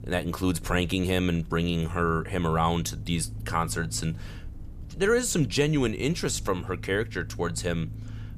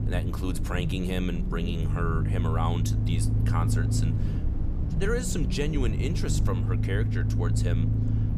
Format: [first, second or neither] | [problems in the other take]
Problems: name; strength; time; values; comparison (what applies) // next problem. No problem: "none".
first | low rumble; loud; throughout; 5 dB below the speech; faint in the first